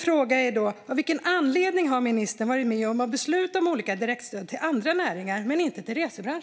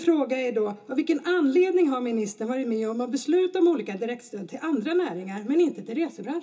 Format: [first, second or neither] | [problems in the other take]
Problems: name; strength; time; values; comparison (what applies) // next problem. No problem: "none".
first | room echo; dies away in 0.2 s